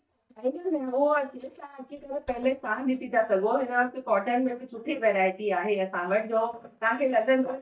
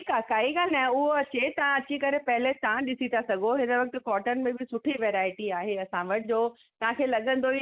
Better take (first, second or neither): second